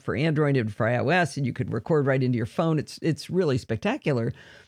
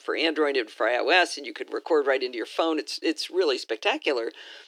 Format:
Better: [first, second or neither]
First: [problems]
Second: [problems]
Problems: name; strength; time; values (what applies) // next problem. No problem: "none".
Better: first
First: none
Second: thin; very; fading below 300 Hz